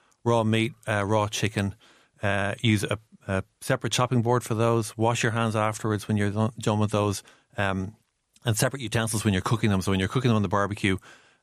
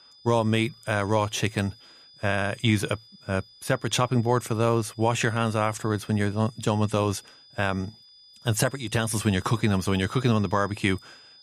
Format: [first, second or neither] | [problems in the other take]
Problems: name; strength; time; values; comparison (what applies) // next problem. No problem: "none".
first | high-pitched whine; faint; throughout; 5 kHz, 25 dB below the speech